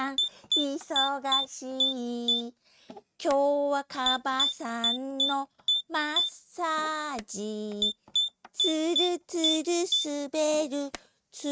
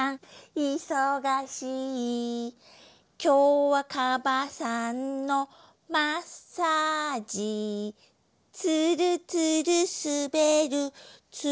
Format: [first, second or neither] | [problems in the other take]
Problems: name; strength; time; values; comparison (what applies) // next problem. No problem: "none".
second | noise reduction (neural mask model RNNoise)